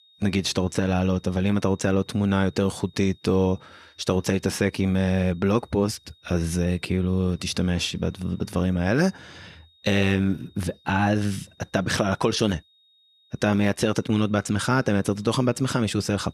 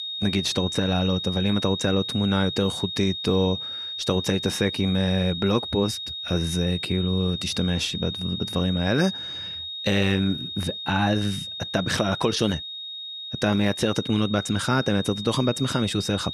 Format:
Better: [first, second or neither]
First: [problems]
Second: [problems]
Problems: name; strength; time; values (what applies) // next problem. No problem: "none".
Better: first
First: high-pitched whine; faint; throughout; 3.5 kHz, 30 dB below the speech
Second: high-pitched whine; loud; throughout; 3.5 kHz, 6 dB below the speech